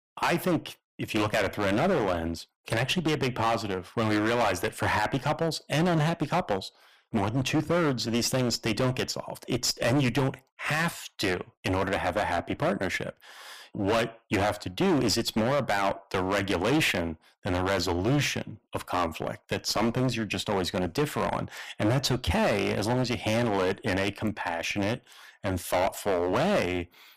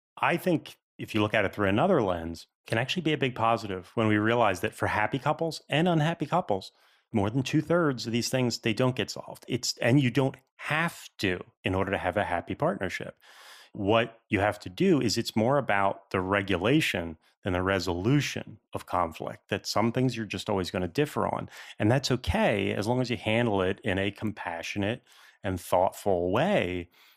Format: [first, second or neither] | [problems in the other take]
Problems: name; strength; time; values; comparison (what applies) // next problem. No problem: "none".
second | distortion; heavy; 14% of the sound clipped